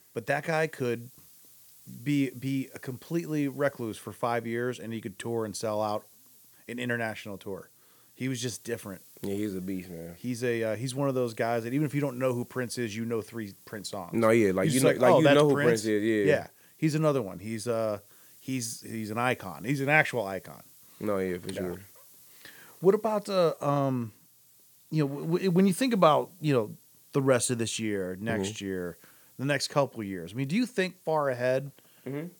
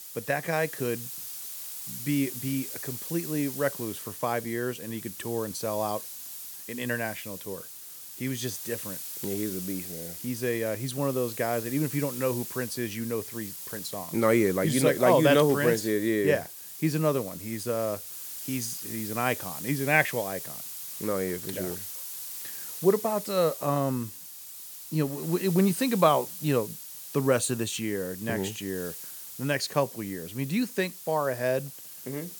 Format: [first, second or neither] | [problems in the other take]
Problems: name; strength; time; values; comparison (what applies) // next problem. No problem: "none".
first | hiss; loud; throughout; 9 dB below the speech; faint in the first